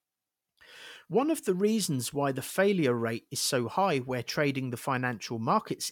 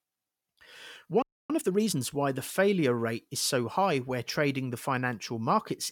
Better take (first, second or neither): first